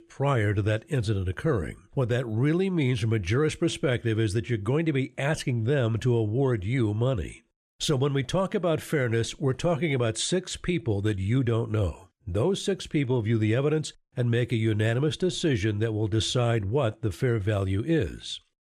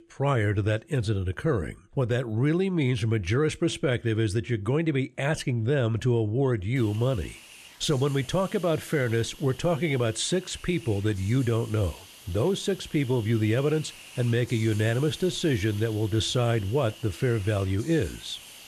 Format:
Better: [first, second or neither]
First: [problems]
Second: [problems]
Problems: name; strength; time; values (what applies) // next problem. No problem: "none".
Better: first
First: none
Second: hiss; noticeable; from 7 s on; 20 dB below the speech